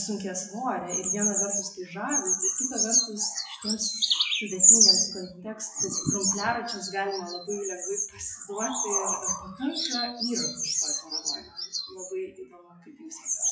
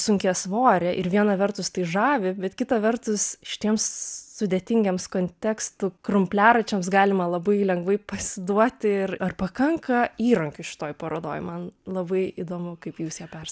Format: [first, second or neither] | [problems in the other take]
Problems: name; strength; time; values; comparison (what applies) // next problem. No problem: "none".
second | noise reduction (classical method WPE with log-MMSE)